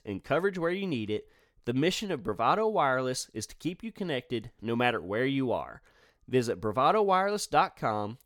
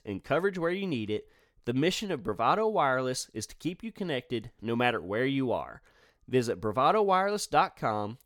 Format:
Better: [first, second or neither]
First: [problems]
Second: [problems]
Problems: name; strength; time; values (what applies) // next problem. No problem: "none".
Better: neither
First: none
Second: none